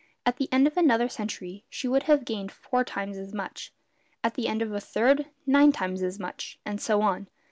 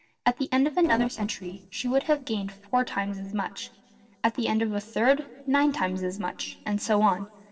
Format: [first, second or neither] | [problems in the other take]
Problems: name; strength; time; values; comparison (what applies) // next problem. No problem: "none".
first | noise reduction (neural separator model SepFormer DNS4)